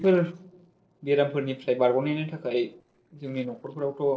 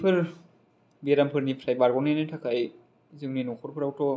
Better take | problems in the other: second | noise reduction (neural separator model SepFormer DNS4)

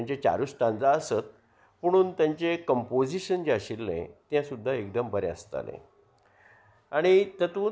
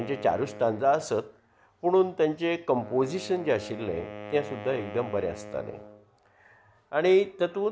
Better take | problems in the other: first | background sound (Wind instrument, woodwind instrument); 16 dB below the speech

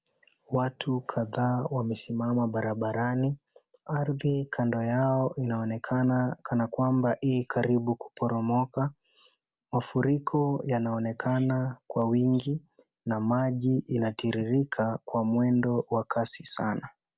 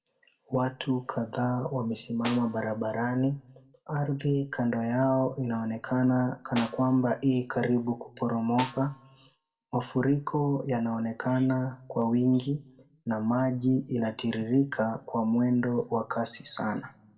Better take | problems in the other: first | background sound (Snare drum); 16 dB below the speech // room echo; dies away in 0.6 s

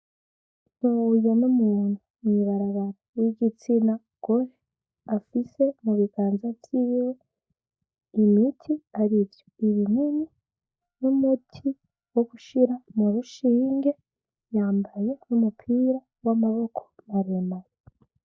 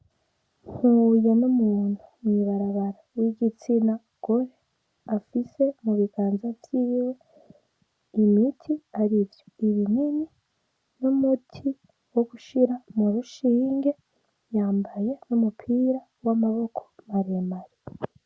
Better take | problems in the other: second | noise reduction (neural mask model DeepFilterNet 3)

